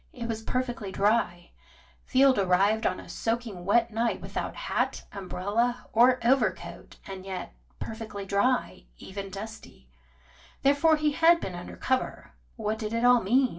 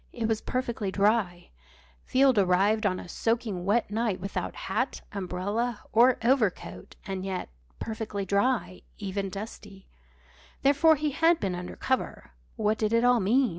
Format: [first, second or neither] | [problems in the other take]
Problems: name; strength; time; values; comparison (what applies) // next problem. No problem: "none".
second | room echo; dies away in 0.2 s